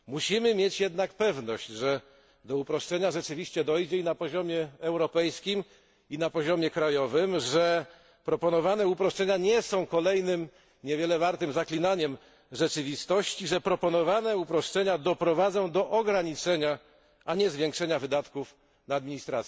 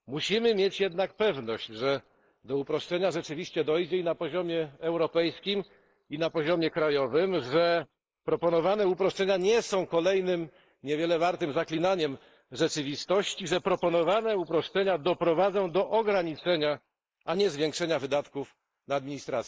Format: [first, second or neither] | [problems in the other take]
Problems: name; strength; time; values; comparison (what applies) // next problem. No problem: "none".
first | noise reduction (neural mask model Resemble Enhance denoiser)